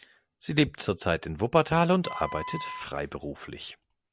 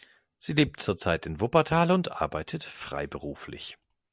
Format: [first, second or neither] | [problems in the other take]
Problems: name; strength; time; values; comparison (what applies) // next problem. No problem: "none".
second | background sound (Wind instrument, woodwind instrument); 12 dB below the speech